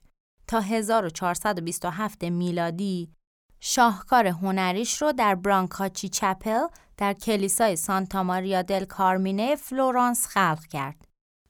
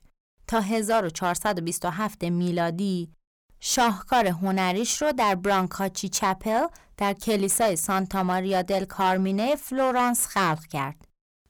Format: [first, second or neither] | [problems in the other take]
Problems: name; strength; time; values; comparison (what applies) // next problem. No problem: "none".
first | distortion; slight; 6% of the sound clipped